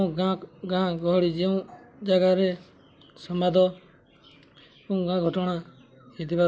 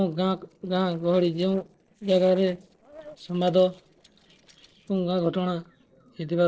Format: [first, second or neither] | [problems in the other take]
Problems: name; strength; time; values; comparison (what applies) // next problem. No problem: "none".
first | noise reduction (neural separator model SepFormer DNS4)